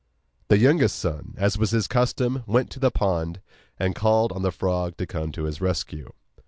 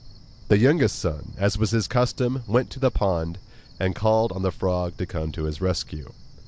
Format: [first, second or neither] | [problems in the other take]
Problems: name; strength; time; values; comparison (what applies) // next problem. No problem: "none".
first | background sound (Cricket); 19 dB below the speech